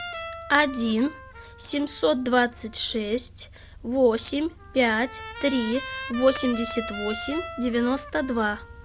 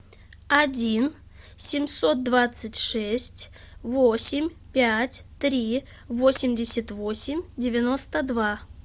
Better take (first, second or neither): second